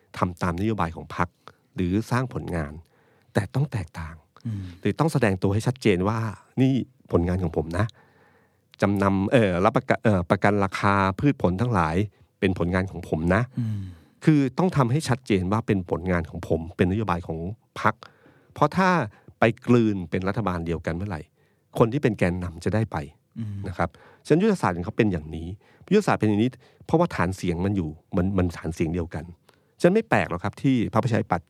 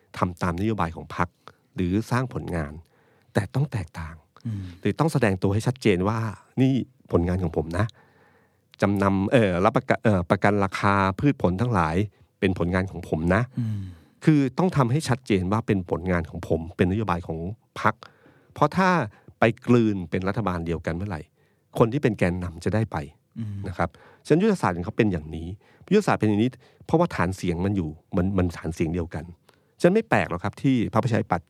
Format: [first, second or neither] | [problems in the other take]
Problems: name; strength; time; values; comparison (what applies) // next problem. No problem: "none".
neither | none